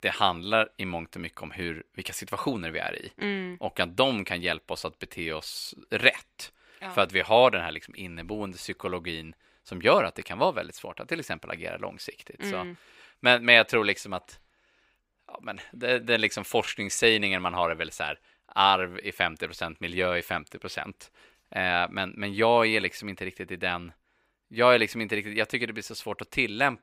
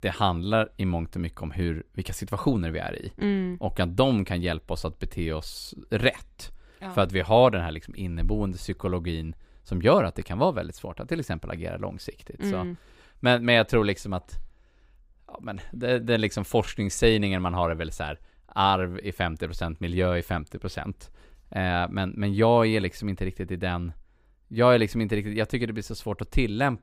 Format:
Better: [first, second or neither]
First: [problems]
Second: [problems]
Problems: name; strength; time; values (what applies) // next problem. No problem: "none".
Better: second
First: thin; somewhat; fading below 1 kHz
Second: none